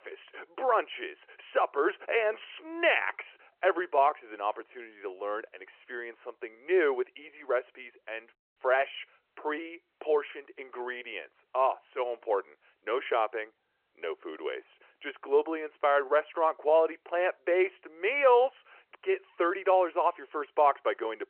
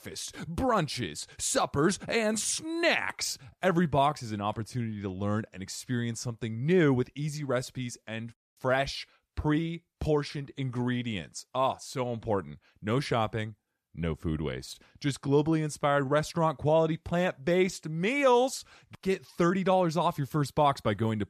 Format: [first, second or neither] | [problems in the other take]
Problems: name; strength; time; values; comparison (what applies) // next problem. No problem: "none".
second | phone-call audio